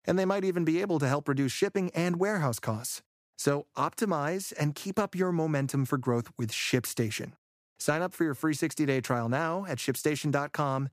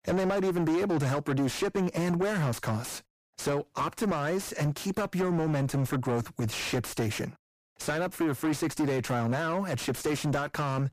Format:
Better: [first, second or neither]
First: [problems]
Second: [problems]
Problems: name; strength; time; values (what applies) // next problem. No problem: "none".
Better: first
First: none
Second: distortion; heavy; 6 dB below the speech